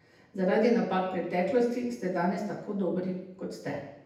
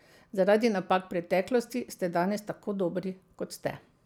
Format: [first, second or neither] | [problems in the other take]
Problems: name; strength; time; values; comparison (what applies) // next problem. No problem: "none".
second | room echo; dies away in 0.8 s